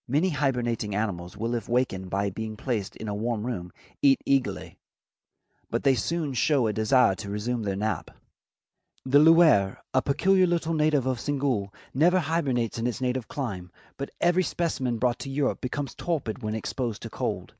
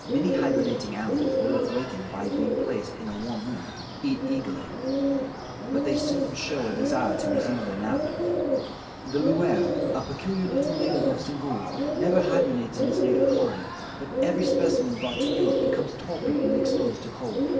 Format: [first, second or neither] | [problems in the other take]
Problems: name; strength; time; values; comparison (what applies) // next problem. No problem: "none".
first | background sound (Bird); 4 dB above the speech // room echo; dies away in 2.3 s